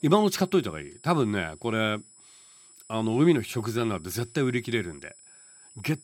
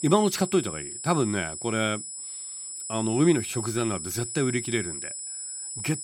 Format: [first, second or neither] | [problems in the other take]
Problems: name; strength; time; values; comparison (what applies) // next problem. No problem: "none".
first | high-pitched whine; loud; throughout; 7.5 kHz, 6 dB below the speech; faint in the first